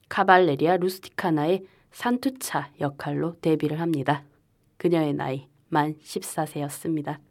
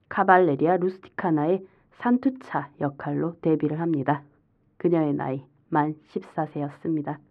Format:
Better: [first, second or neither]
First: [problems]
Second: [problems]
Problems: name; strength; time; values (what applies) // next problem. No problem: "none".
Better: first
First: none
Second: muffled; very; fading above 1.5 kHz